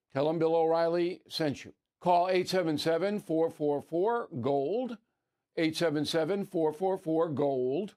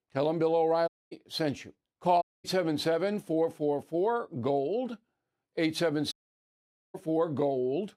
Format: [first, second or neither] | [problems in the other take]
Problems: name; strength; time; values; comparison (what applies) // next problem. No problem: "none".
first | audio cutting out; at 1 s, at 2 s and at 6 s for 1 s